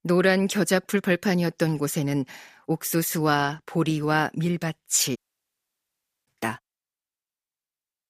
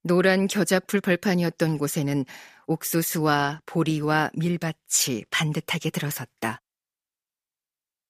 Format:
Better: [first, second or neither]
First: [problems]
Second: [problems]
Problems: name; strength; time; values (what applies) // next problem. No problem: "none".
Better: second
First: audio cutting out; at 5 s for 1 s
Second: none